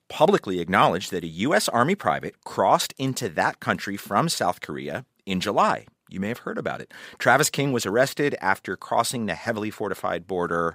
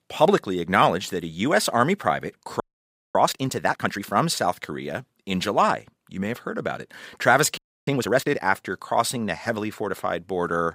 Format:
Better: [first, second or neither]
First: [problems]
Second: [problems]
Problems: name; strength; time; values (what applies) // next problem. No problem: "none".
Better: first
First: none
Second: audio freezing; at 2.5 s for 0.5 s and at 7.5 s